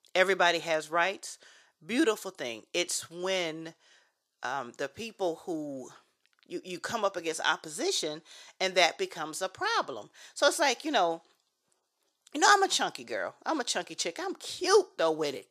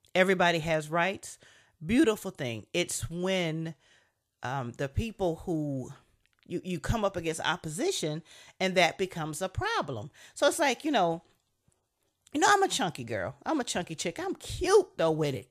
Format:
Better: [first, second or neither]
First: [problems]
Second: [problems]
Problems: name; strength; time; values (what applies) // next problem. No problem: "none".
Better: second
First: thin; somewhat; fading below 350 Hz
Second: none